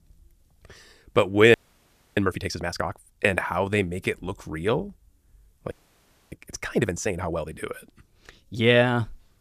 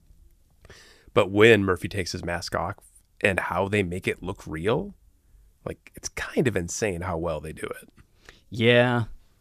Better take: second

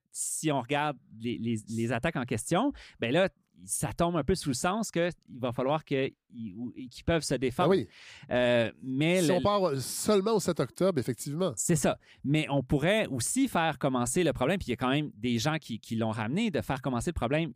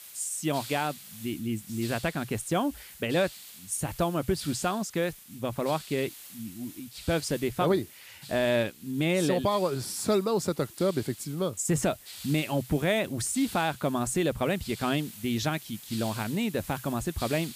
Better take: first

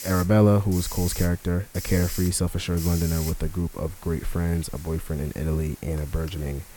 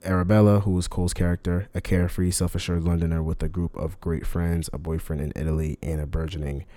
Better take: second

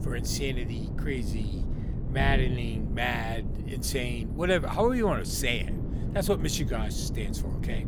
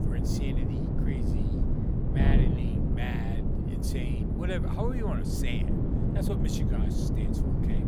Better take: first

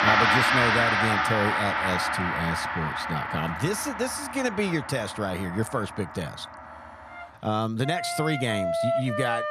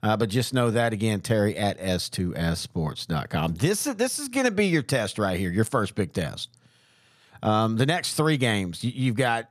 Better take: second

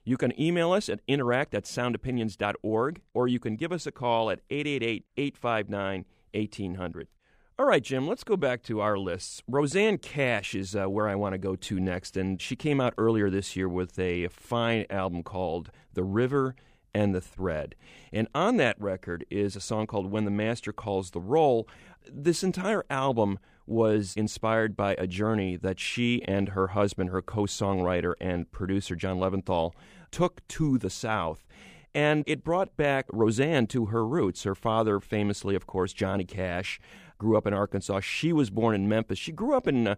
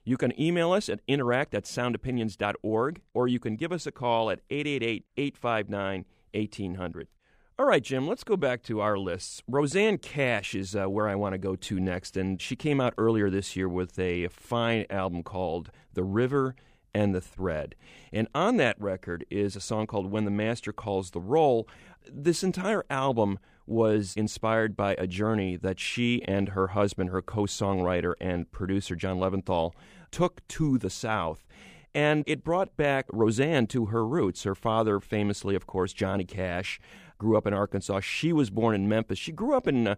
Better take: neither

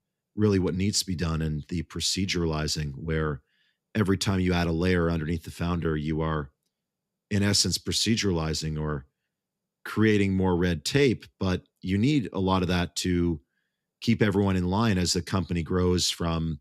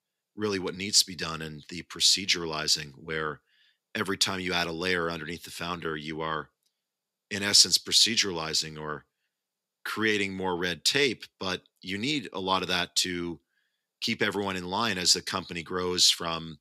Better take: first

